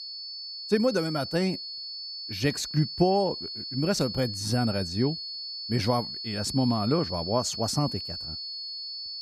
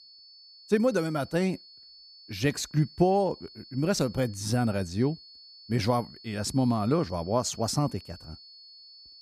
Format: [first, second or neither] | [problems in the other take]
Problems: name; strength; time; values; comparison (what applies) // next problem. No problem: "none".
second | high-pitched whine; loud; throughout; 4.5 kHz, 6 dB below the speech; faint in the second